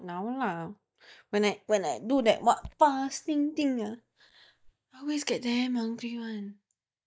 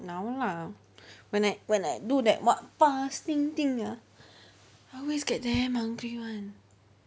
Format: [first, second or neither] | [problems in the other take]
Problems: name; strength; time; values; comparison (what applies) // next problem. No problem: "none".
second | noise reduction (neural mask model DeepFilterNet 3)